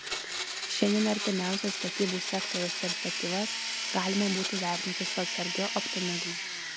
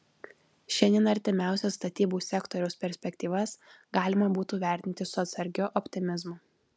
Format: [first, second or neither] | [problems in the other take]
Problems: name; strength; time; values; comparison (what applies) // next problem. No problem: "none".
second | background sound (Domestic sounds, home sounds); 1 dB below the speech